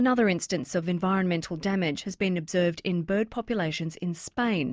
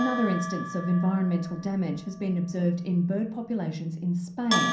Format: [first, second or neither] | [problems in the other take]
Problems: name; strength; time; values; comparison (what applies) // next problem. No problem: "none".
first | background sound (Bell); 8 dB below the speech // room echo; dies away in 0.6 s